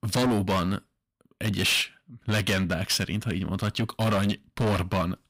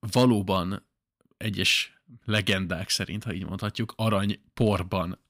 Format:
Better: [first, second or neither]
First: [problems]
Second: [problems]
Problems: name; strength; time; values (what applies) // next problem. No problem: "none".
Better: second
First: distortion; heavy; 14% of the sound clipped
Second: none